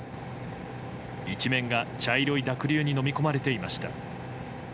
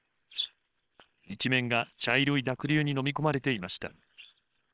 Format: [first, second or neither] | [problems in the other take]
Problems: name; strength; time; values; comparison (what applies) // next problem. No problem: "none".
first | noise reduction (neural separator model SepFormer WHAM!)